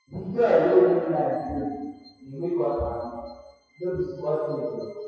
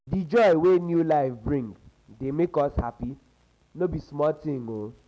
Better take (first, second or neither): second